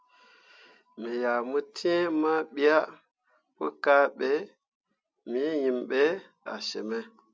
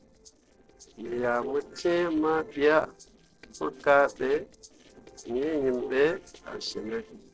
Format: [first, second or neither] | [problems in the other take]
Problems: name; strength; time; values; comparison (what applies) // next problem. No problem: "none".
first | noise reduction (neural separator model SepFormer DNS4)